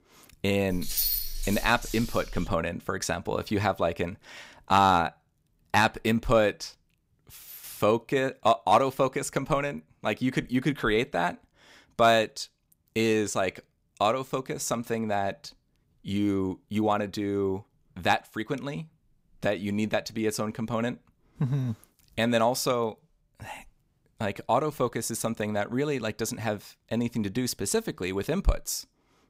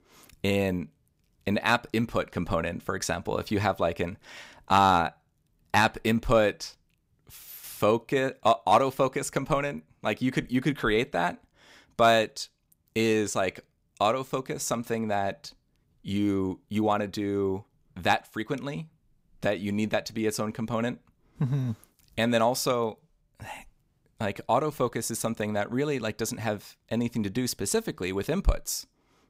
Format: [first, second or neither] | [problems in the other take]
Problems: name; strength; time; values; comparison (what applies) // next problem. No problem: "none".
second | jangling keys; loud; from 0.5 to 2.5 s; peak 2 dB above the speech